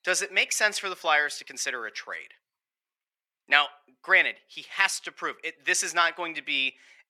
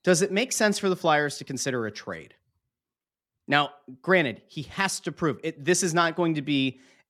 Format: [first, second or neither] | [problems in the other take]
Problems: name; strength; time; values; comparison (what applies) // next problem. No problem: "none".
second | thin; very; fading below 750 Hz